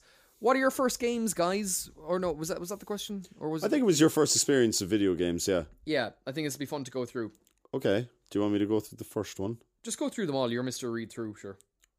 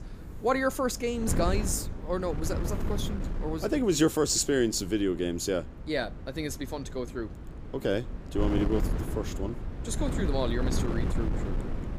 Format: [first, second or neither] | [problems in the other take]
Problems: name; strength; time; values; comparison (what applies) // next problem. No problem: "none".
first | wind noise on the microphone; occasional gusts; 10 dB below the speech